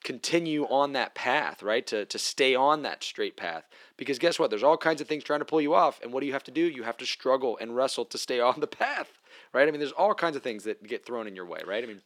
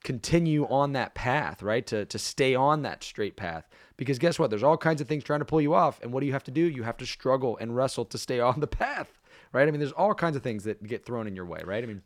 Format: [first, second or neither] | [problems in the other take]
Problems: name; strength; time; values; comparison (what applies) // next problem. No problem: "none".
second | thin; very slightly; fading below 300 Hz